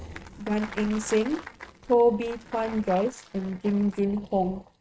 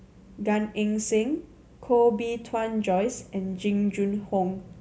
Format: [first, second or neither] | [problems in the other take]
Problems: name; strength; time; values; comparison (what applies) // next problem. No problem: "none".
second | noise reduction (neural mask model RNNoise)